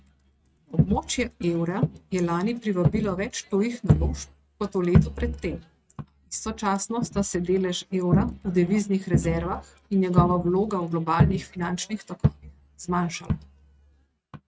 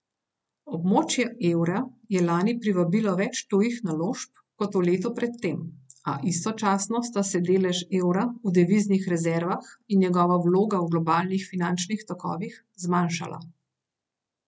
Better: second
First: noise reduction (neural mask model RNNoise)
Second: none

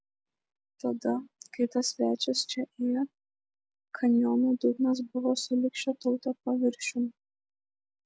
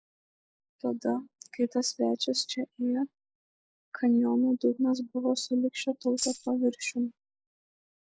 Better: first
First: none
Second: noise reduction (neural mask model Resemble Enhance denoiser)

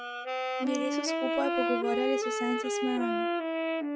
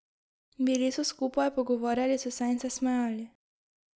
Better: second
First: noise reduction (classical method log-MMSE)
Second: none

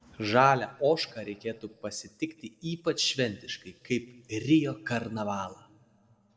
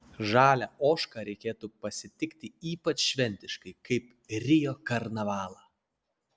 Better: second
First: room echo; dies away in 2.1 s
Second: none

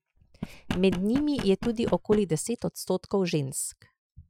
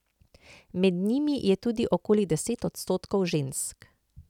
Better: second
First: noise reduction (classical method Wiener filter)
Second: none

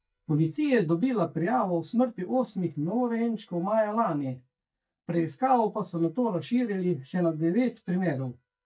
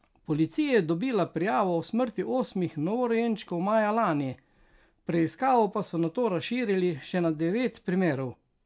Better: second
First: noise reduction (neural mask model DeepFilterNet 3)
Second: none

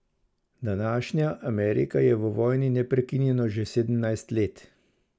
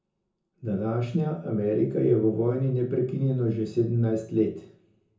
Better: first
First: none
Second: room echo; dies away in 0.6 s

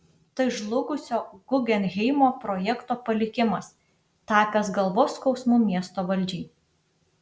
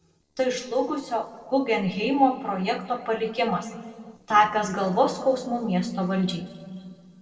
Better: first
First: none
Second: noise reduction (neural separator model SepFormer DNS4)

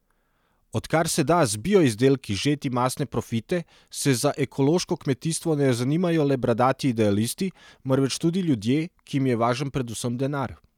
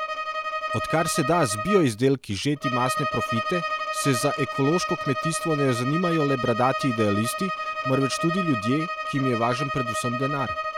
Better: first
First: none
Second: background sound (Bowed string instrument); 4 dB below the speech

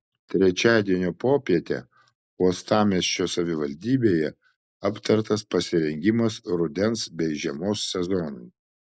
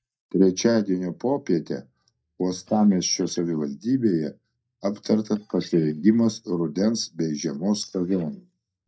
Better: first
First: none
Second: noise reduction (neural mask model DeepFilterNet 3)

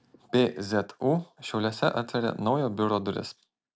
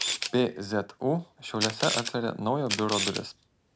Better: first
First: none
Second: background sound (Camera); 5 dB below the speech

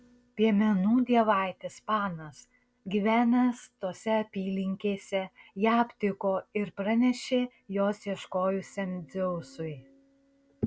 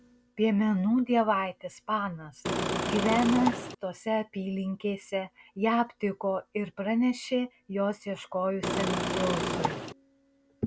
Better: first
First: none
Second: background sound (Engine / Car); as loud as the speech

